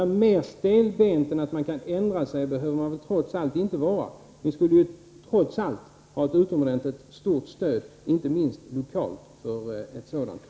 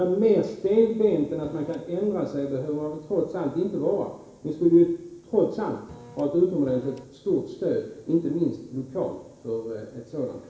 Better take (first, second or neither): first